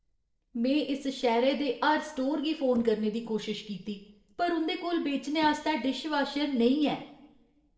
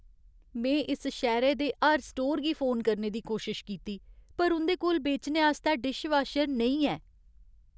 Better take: second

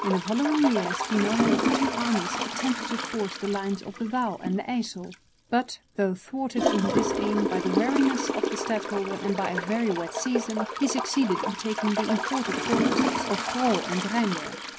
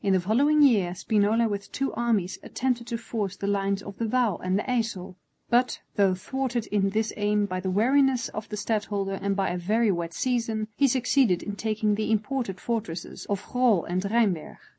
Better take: second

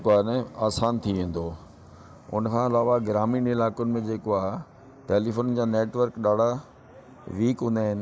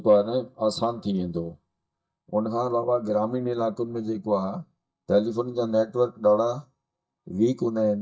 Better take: first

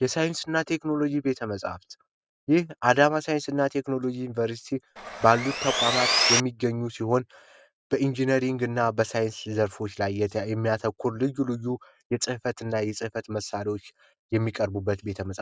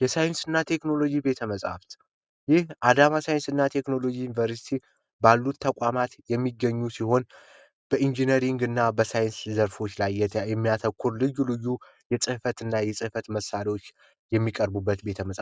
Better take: second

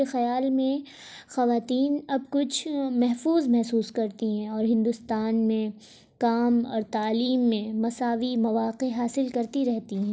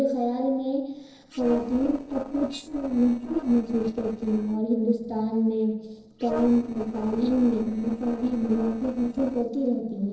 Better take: first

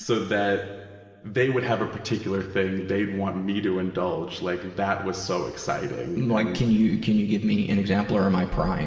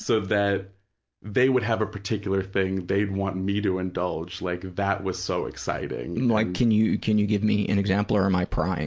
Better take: second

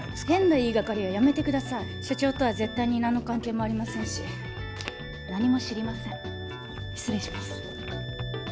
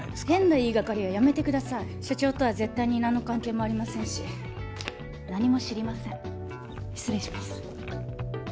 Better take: second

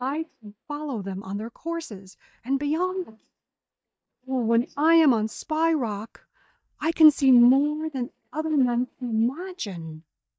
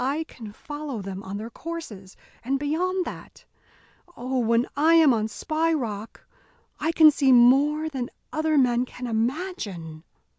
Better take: second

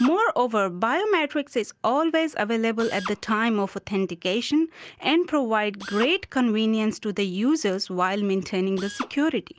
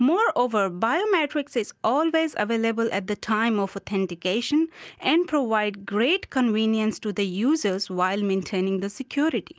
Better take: second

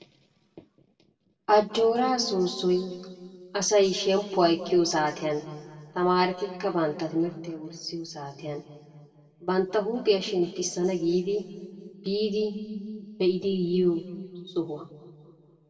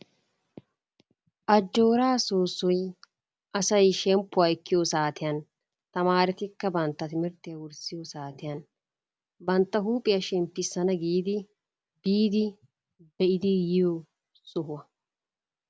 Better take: second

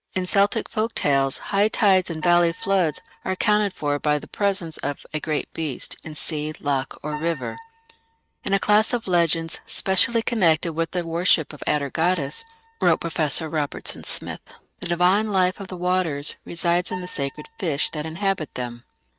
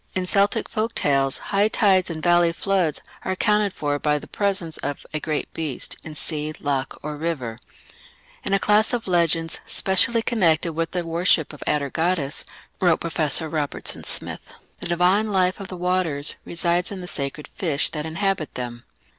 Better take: second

